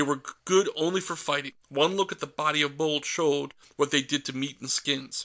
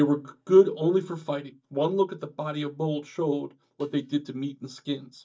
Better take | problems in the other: first | noise reduction (neural mask model DeepFilterNet 3)

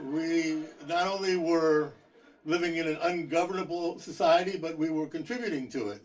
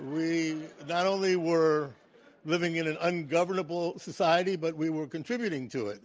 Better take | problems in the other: second | room echo; dies away in 0.2 s

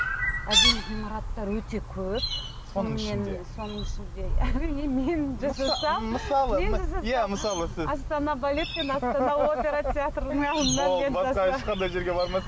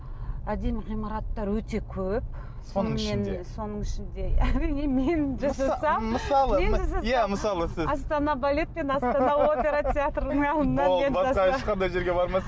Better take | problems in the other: second | background sound (Chirp, tweet); 7 dB below the speech

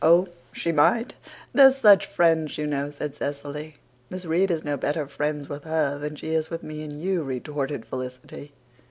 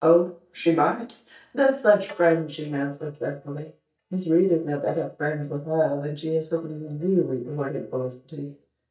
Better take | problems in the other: first | noise reduction (neural mask model DeepFilterNet 3)

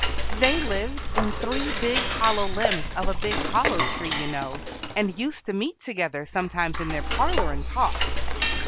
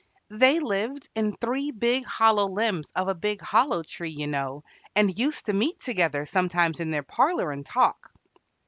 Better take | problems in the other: second | background sound (Cutlery, silverware / Dishes, pots, and pans); 2 dB above the speech

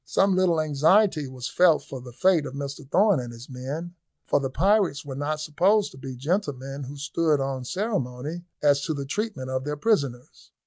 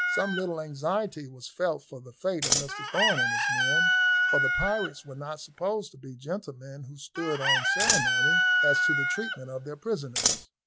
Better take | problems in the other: first | background sound (Chicken, rooster + Scissors); 5 dB above the speech

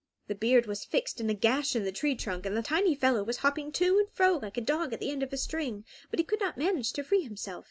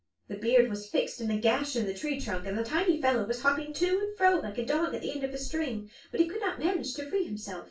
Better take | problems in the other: first | room echo; dies away in 0.2 s

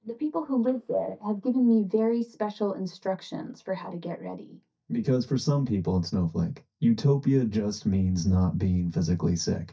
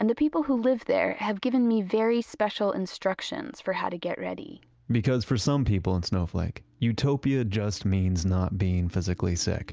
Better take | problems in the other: second | noise reduction (neural mask model DeepFilterNet 3)

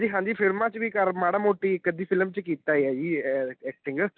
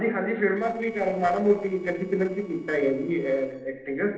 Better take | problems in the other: first | noise reduction (neural separator model SepFormer DNS4)

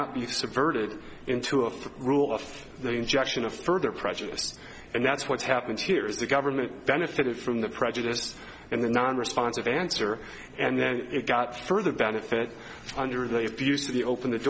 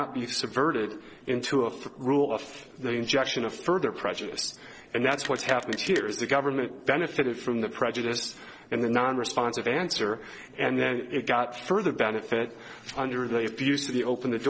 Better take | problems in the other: first | noise reduction (neural separator model SepFormer DNS4)

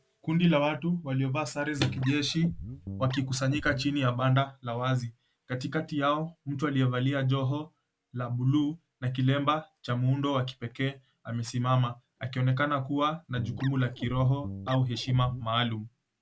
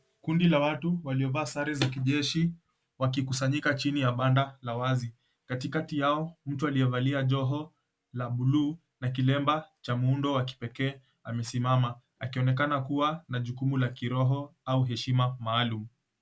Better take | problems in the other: second | background sound (Guitar); 11 dB below the speech

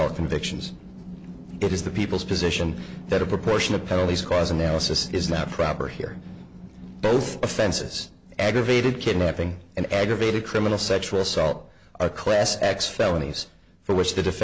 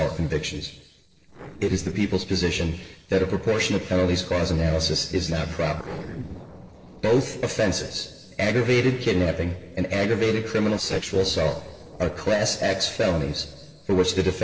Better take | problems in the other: first | noise reduction (neural separator model SepFormer DNS4)

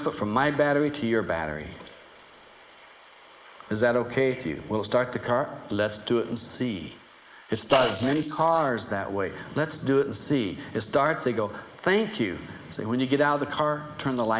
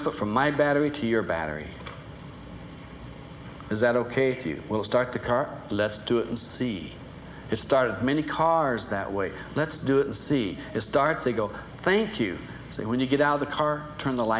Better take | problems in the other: second | noise reduction (neural mask model Resemble Enhance denoiser)

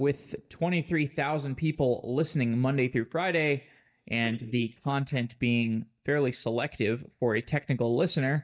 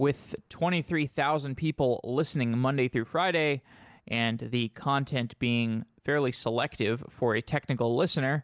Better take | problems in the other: second | noise reduction (neural mask model DeepFilterNet 3)

